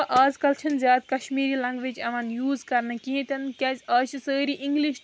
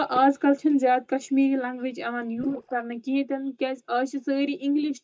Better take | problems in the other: first | noise reduction (neural mask model DeepFilterNet 3)

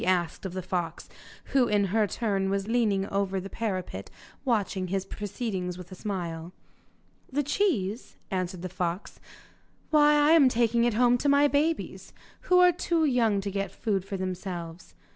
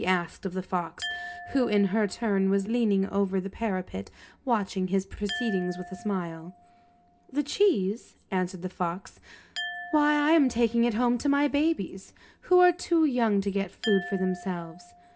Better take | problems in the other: first | background sound (Glass); 16 dB below the speech // room echo; dies away in 0.3 s

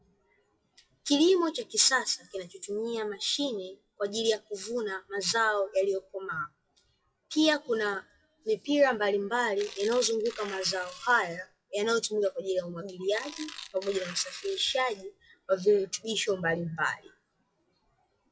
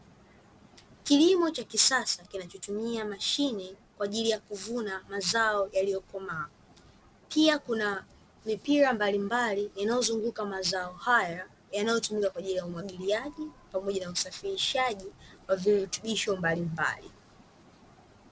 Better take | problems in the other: second | noise reduction (classical method WPE with log-MMSE)

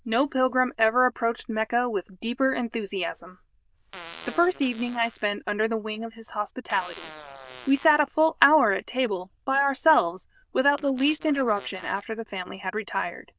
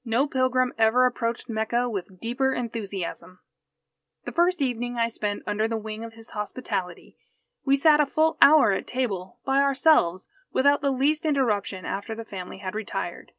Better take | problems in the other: second | noise reduction (neural diffusion model UNIVERSE++)

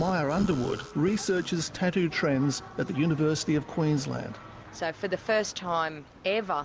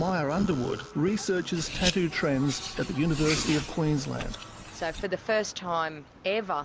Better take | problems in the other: first | background sound (Car); 7 dB below the speech

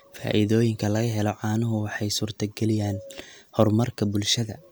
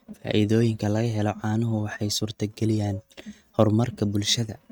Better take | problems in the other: first | noise reduction (neural mask model RNNoise)

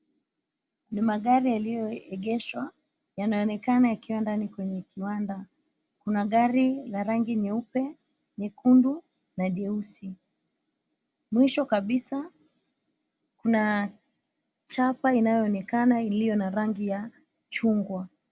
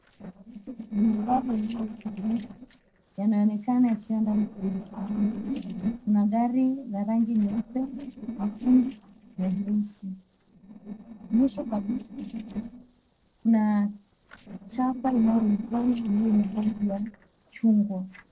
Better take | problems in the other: first | noise reduction (neural separator model SepFormer DNS4)

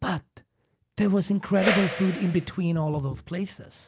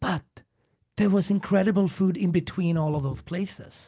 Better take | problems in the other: second | background sound (Whoosh, swoosh, swish); 4 dB below the speech

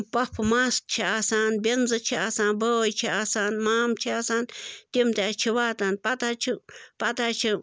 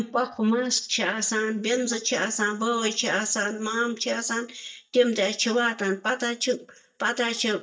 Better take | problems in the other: first | noise reduction (neural mask model DeepFilterNet 3)

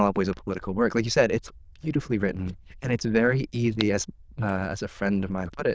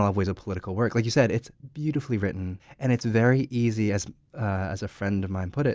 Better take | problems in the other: second | noise reduction (neural diffusion model UNIVERSE++)

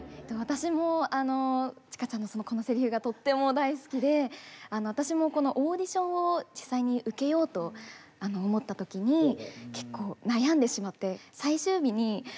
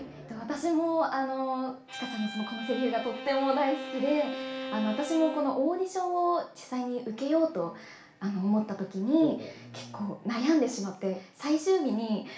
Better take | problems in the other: first | background sound (Bowed string instrument); 9 dB below the speech // room echo; dies away in 0.5 s

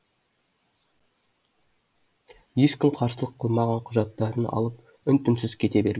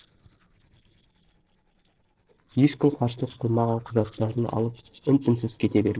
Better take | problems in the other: first | noise reduction (neural separator model SepFormer DNS4)

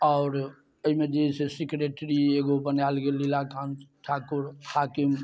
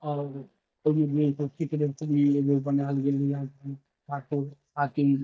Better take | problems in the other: first | noise reduction (neural mask model DeepFilterNet 3)

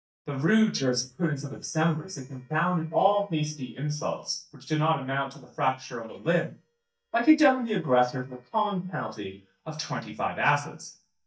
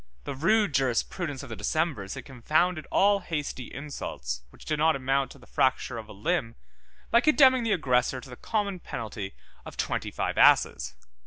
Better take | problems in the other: second | noise reduction (neural mask model DeepFilterNet 3)

